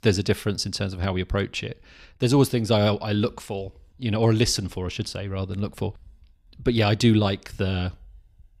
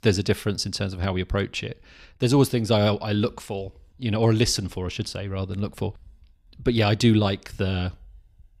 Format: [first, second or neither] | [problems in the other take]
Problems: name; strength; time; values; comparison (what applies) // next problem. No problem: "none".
neither | none